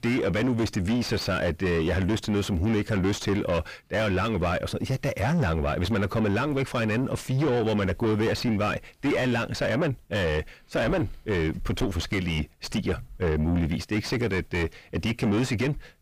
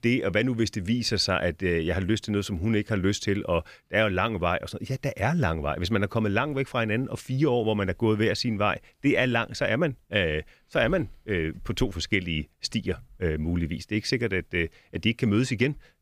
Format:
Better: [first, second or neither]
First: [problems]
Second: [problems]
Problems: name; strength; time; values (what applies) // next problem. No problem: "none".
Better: second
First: distortion; heavy; 5 dB below the speech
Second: none